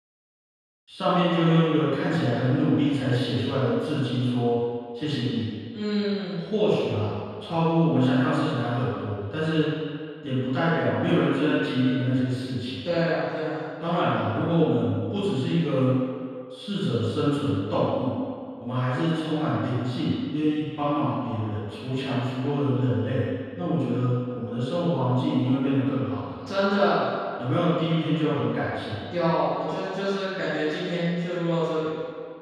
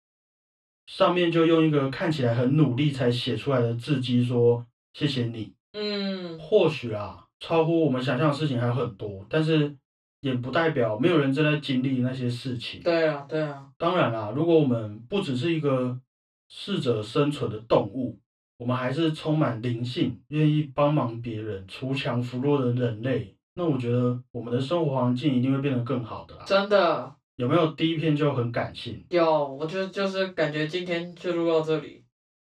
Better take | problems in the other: second | room echo; strong; dies away in 1.8 s; slight in the second // off-mic speech; far; far in the second

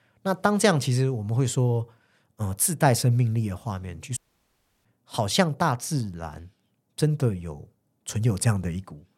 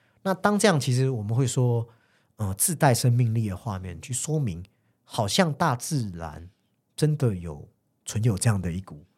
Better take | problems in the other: second | audio cutting out; at 4 s for 0.5 s

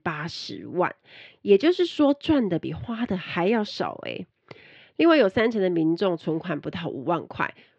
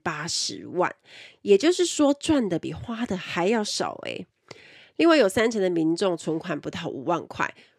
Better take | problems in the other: second | muffled; slightly; fading above 4 kHz

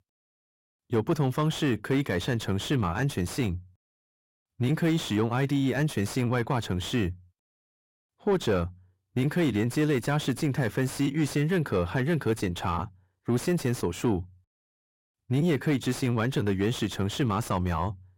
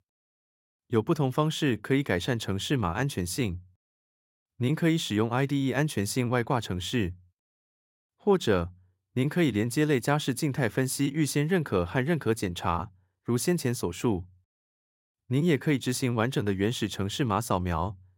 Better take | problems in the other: second | distortion; slight; 10 dB below the speech

